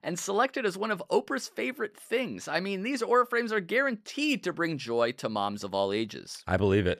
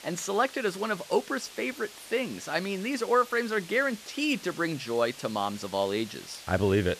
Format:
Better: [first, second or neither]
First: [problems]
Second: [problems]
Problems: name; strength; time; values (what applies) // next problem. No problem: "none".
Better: first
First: none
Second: hiss; noticeable; throughout; 15 dB below the speech